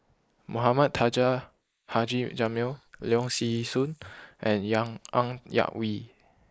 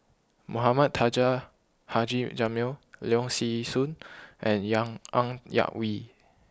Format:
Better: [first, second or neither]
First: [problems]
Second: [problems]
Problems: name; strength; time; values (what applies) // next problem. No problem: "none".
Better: second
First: noise reduction (neural mask model Resemble Enhance denoiser)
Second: none